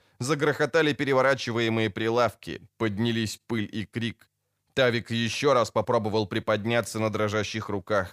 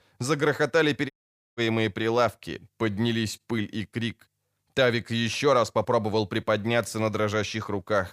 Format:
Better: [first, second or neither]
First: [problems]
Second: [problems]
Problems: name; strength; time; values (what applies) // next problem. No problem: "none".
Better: first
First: none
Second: audio cutting out; at 1 s